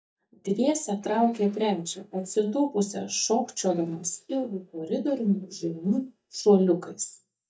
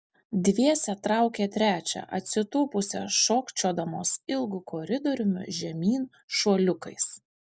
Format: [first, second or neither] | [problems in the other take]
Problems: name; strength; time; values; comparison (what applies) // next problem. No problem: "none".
second | noise reduction (neural mask model DeepFilterNet 3)